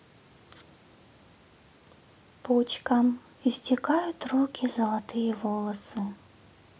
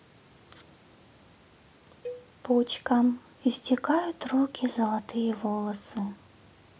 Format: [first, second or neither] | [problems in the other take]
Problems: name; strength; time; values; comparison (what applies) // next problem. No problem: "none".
first | background sound (Cowbell); 17 dB below the speech